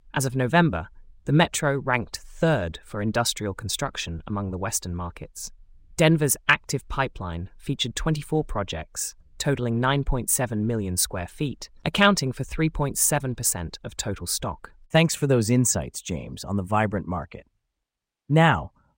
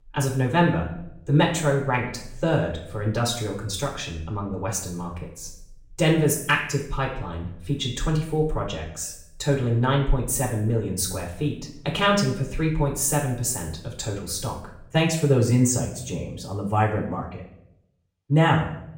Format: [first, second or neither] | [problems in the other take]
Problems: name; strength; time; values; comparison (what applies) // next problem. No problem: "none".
first | off-mic speech; far // room echo; noticeable; dies away in 0.6 s